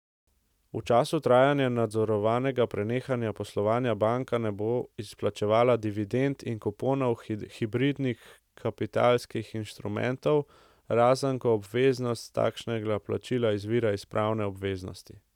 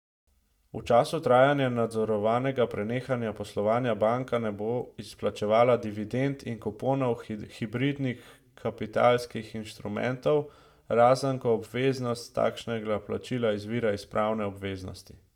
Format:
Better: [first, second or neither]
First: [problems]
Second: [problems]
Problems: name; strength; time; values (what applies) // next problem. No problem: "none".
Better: first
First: none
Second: room echo; dies away in 0.3 s